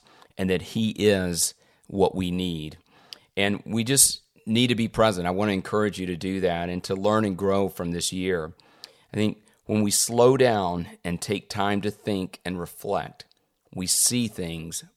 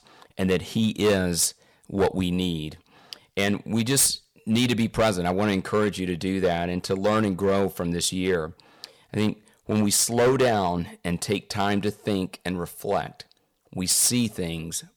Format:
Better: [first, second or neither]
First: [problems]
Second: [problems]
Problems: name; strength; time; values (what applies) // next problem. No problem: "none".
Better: first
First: none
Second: distortion; slight; 5% of the sound clipped